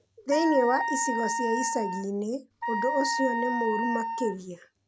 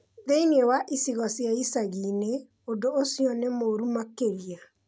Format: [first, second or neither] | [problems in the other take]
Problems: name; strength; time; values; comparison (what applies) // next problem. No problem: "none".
second | background sound (Wind instrument, woodwind instrument); 1 dB below the speech